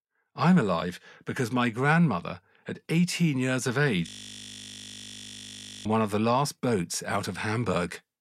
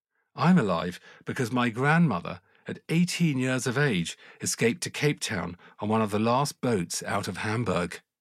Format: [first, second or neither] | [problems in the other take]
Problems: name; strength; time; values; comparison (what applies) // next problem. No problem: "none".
second | audio freezing; at 4 s for 2 s